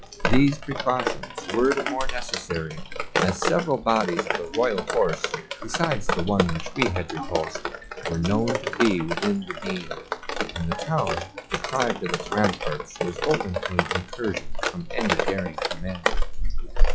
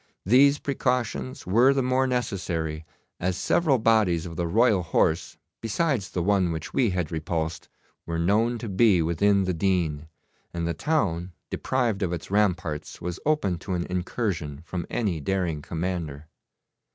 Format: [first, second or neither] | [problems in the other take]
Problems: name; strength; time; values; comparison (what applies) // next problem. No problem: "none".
second | noise reduction (classical method log-MMSE)